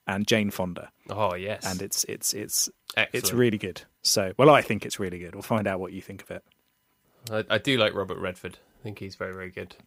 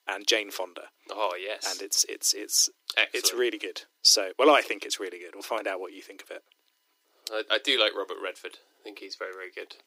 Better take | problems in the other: first | thin; somewhat; fading below 300 Hz

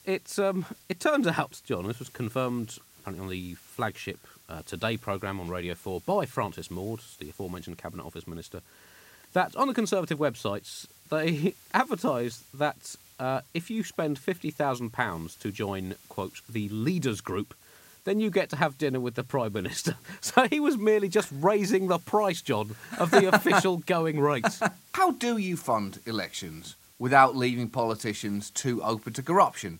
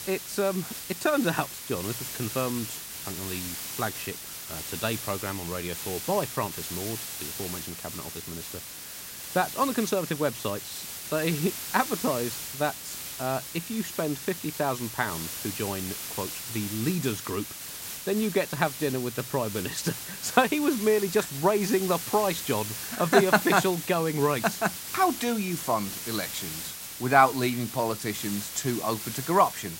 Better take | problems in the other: first | hiss; loud; throughout; 7 dB below the speech; faint in the first

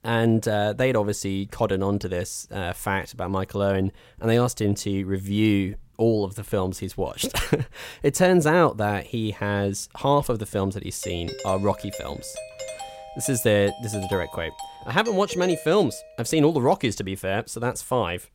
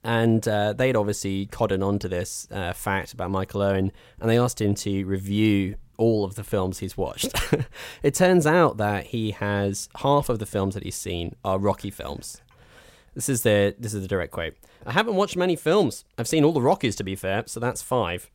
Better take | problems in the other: second | doorbell; noticeable; from 11 to 16 s; peak 10 dB below the speech

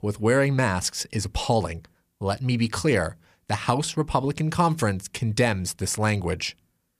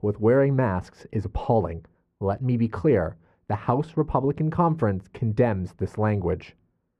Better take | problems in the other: first | muffled; very; fading above 2.5 kHz

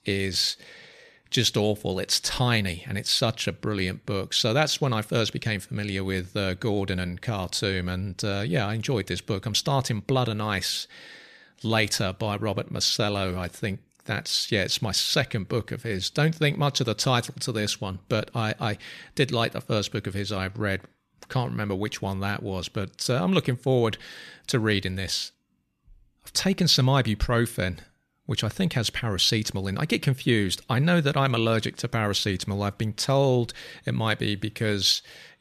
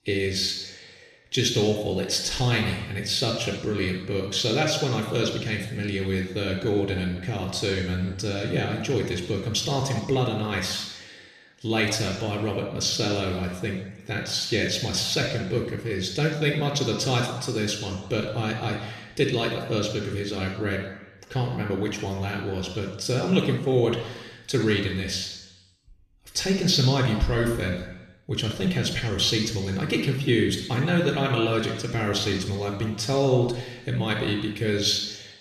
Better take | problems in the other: first | room echo; noticeable; dies away in 1 s // off-mic speech; somewhat distant

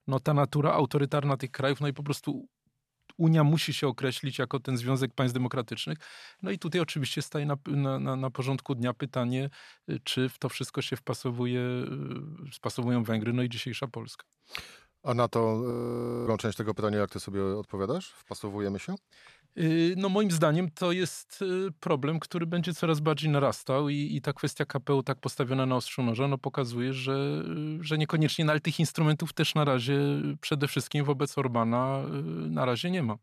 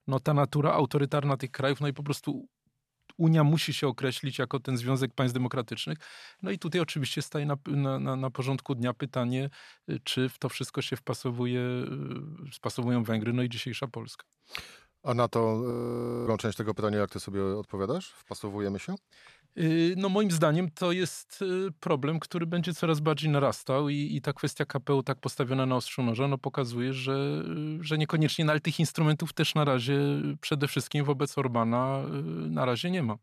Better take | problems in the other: neither | audio freezing; at 16 s for 0.5 s; the same in both

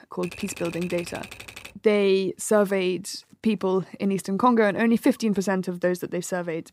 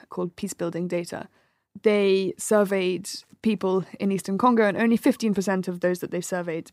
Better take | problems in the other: second | keyboard typing; faint; until 1.5 s; peak 15 dB below the speech

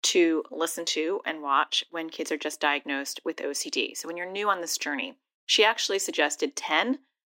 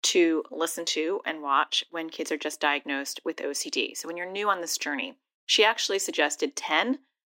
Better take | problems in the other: neither | thin; somewhat; fading below 300 Hz; the same in both

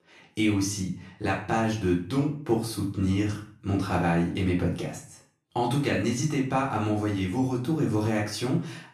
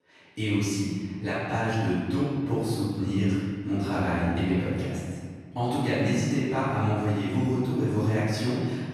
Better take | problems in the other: first | room echo; strong; dies away in 1.8 s; slight in the first // off-mic speech; far; far in the first

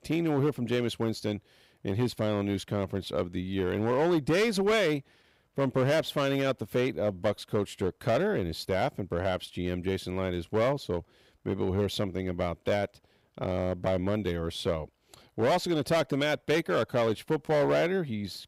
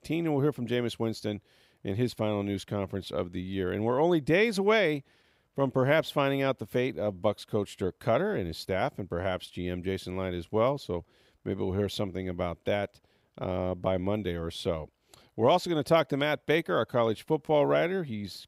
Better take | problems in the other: second | distortion; slight; 7% of the sound clipped

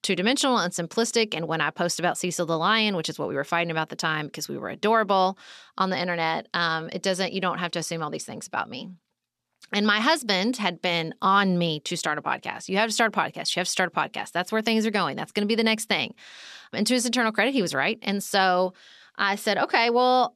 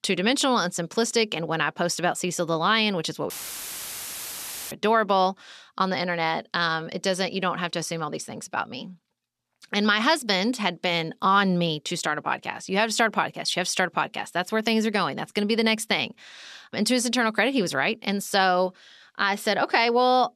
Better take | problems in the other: first | audio cutting out; filled with static; at 3.5 s for 1.5 s

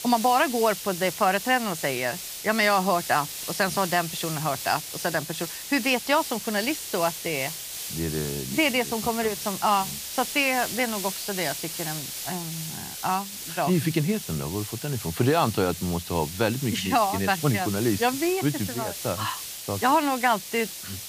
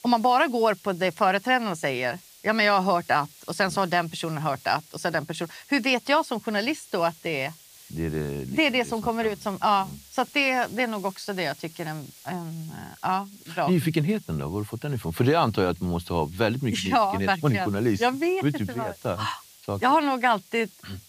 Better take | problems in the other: second | hiss; loud; throughout; 7 dB below the speech; faint in the second

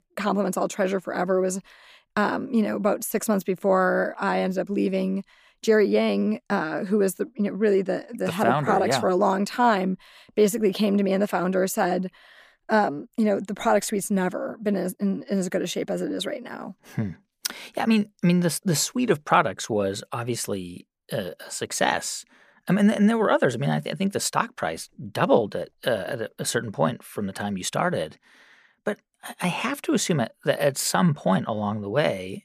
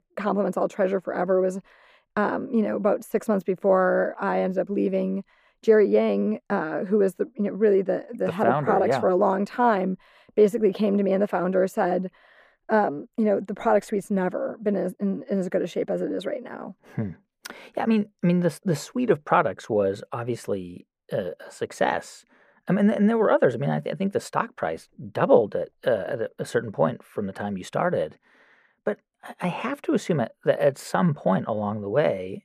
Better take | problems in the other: first | muffled; slightly; fading above 3 kHz

